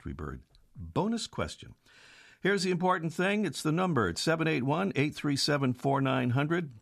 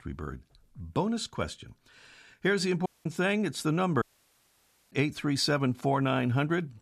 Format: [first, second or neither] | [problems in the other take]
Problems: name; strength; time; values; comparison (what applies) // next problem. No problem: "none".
first | audio cutting out; at 3 s and at 4 s for 1 s